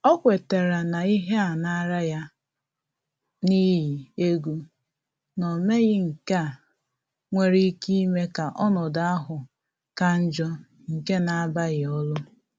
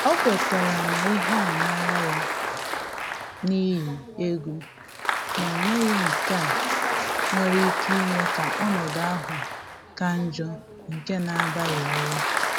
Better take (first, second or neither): first